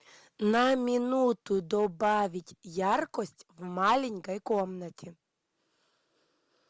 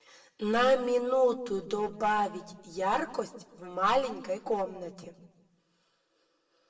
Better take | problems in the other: first | room echo; dies away in 0.9 s

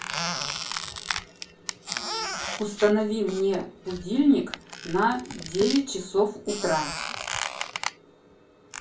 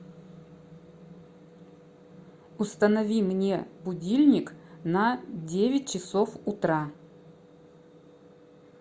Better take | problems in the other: second | background sound (Squeak); 7 dB below the speech // room echo; dies away in 0.3 s

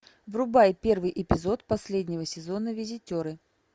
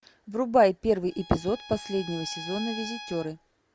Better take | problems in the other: first | background sound (Bowed string instrument); 13 dB below the speech

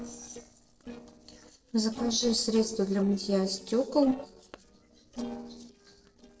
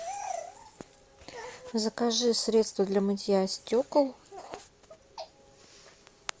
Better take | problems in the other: second | noise reduction (neural separator model SepFormer DNS4)

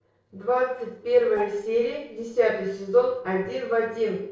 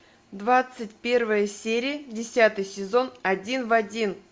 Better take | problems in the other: second | noise reduction (neural separator model SepFormer DNS4)

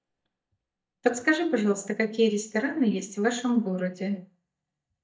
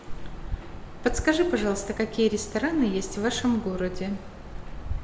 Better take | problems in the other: second | noise reduction (neural mask model DeepFilterNet 3)

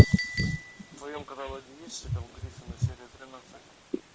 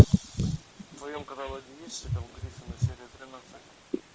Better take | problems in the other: second | background sound (Chink, clink); 13 dB below the speech

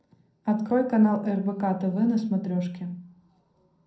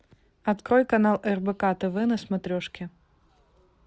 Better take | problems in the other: second | room echo; dies away in 0.6 s

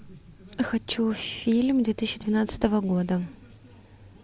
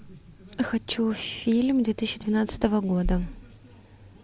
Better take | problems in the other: first | background sound (Bass drum); 5 dB below the speech

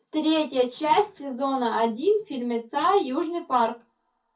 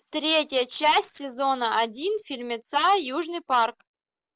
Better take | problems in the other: second | room echo; dies away in 0.3 s

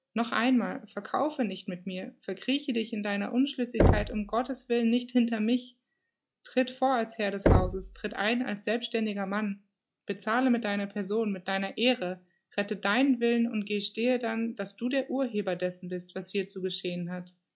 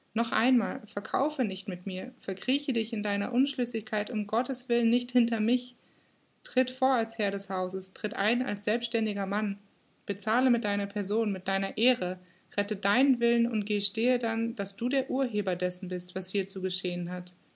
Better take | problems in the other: second | noise reduction (classical method log-MMSE)

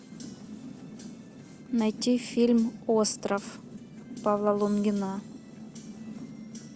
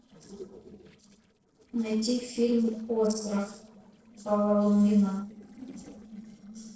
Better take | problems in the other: first | noise reduction (neural separator model SepFormer DNS4)

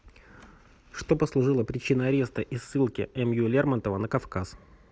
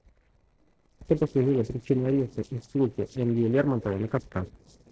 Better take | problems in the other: first | noise reduction (neural separator model SepFormer DNS4)

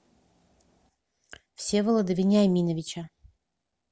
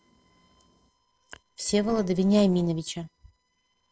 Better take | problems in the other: first | noise reduction (neural separator model SepFormer DNS4)

